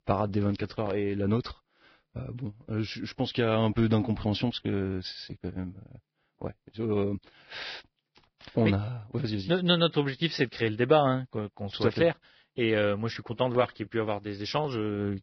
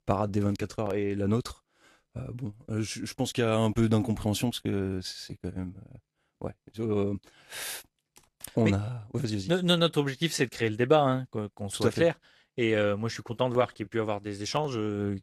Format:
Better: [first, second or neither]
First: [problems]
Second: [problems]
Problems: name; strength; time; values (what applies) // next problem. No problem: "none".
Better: second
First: garbled, watery; badly; nothing above 5.5 kHz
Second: garbled, watery; slightly; nothing above 12.5 kHz